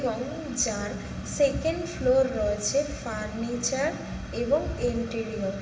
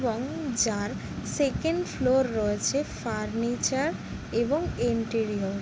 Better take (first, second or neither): second